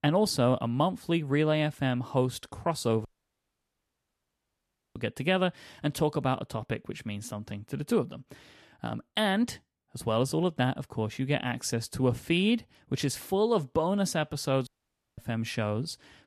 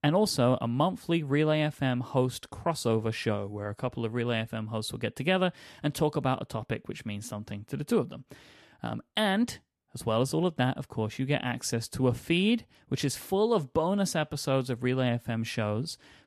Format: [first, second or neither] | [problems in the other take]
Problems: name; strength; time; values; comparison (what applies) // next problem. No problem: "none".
second | audio cutting out; at 3 s for 2 s and at 15 s for 0.5 s